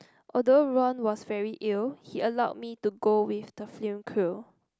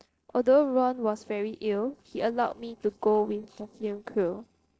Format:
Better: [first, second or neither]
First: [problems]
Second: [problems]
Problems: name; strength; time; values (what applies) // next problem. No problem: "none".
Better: first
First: none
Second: noise reduction (neural separator model SepFormer DNS4)